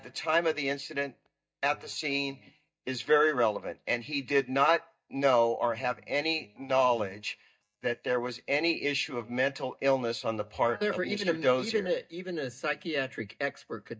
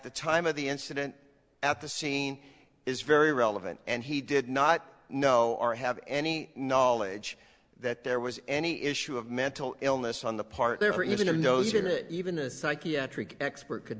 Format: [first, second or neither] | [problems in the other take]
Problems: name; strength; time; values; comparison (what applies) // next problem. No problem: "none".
second | noise reduction (neural mask model DeepFilterNet 3)